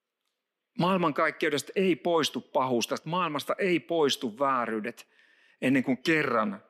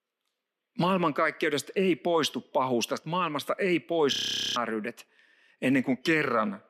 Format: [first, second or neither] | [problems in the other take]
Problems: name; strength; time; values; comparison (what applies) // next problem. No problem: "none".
first | audio freezing; at 4 s